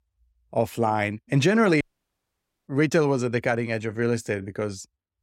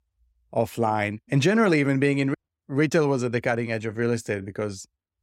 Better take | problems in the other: second | audio cutting out; at 2 s for 1 s

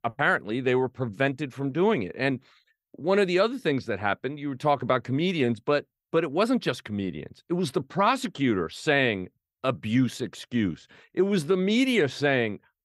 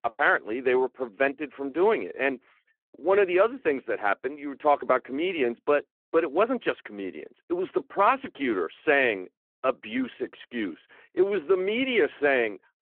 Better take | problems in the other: first | phone-call audio

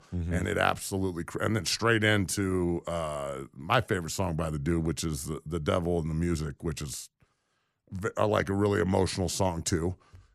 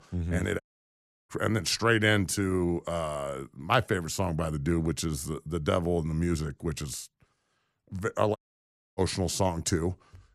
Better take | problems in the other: first | audio cutting out; at 0.5 s for 0.5 s and at 8.5 s for 0.5 s

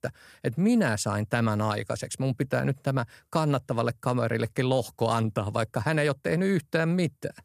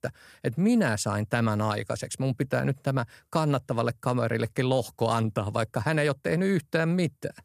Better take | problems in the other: neither | none

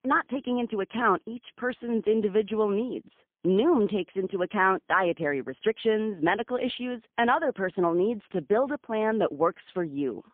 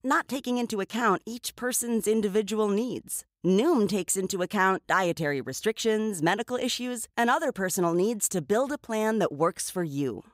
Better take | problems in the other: second | phone-call audio; poor line; nothing above 3 kHz

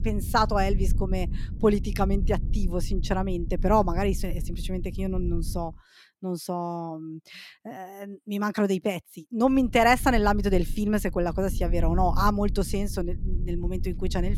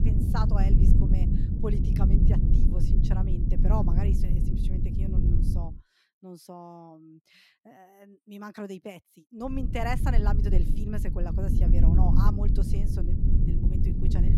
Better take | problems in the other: first | low rumble; loud; until 5.5 s and from 9.5 s on; 1 dB below the speech; faint in the first

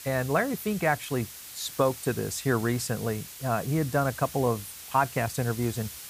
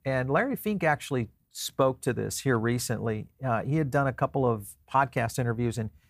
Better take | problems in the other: second | hiss; noticeable; throughout; 10 dB below the speech

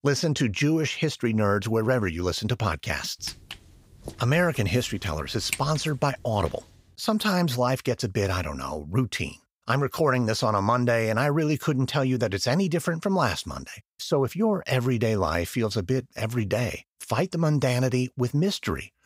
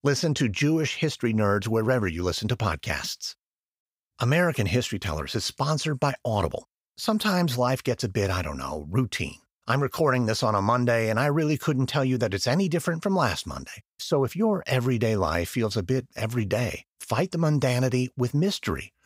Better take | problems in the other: second | footsteps; noticeable; from 3.5 to 6 s; peak 6 dB below the speech

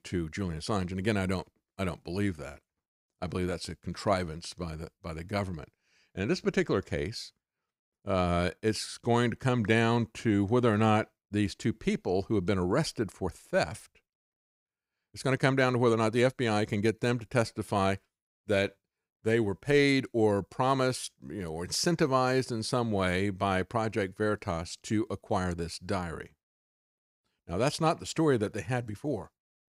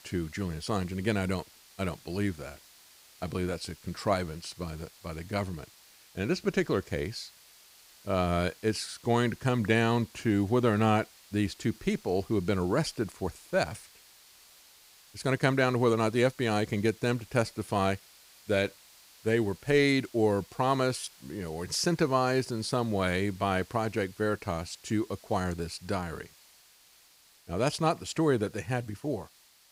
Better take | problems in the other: first | hiss; faint; throughout; 25 dB below the speech

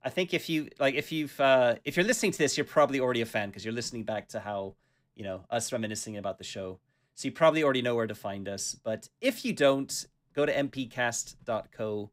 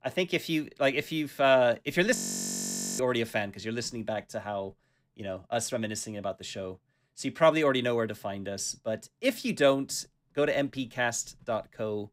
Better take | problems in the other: first | audio freezing; at 2 s for 1 s

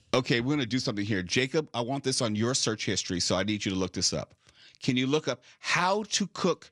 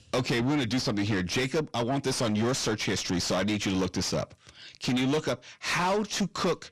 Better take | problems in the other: first | distortion; heavy; 6 dB below the speech

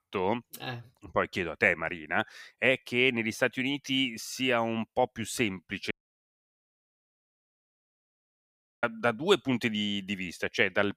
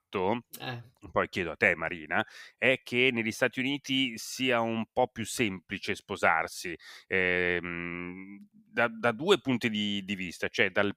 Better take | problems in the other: second | audio cutting out; at 6 s for 3 s

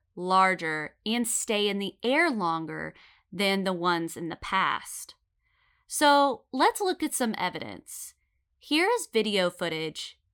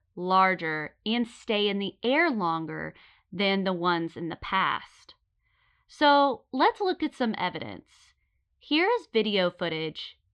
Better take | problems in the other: first | muffled; very slightly; fading above 4 kHz

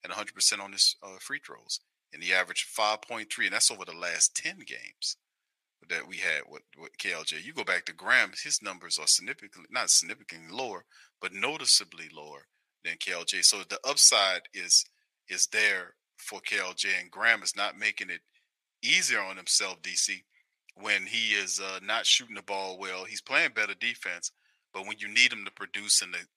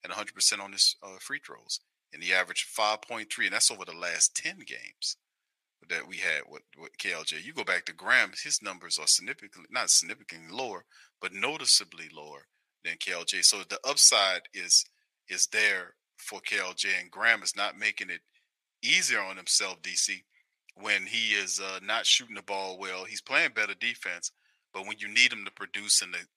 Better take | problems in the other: neither | thin; very; fading below 800 Hz; the same in both

